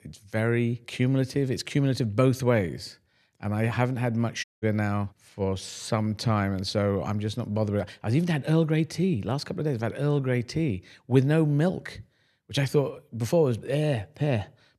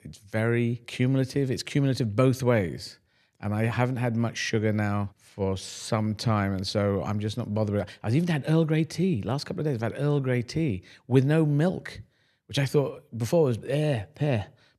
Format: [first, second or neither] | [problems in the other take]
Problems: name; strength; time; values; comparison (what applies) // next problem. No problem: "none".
second | audio cutting out; at 4.5 s